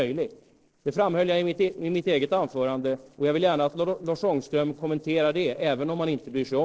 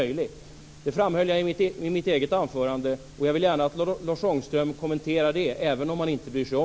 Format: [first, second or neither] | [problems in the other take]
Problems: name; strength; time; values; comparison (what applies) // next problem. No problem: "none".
second | noise reduction (neural separator model SepFormer DNS4)